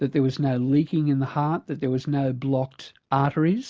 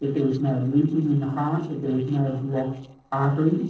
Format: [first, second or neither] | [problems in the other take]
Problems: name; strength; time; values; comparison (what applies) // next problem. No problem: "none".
first | noise reduction (neural separator model SepFormer DNS4)